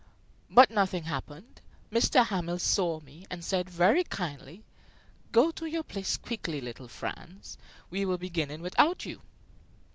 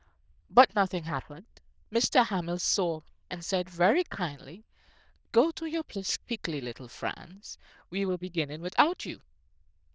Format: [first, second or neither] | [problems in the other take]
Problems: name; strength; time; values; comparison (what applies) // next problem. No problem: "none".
first | noise reduction (neural diffusion model UNIVERSE++)